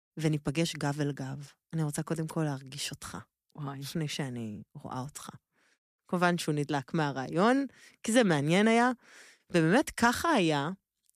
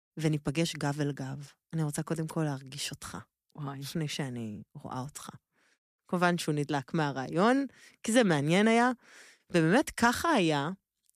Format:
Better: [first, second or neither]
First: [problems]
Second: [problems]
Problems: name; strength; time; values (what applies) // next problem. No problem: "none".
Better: neither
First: none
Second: none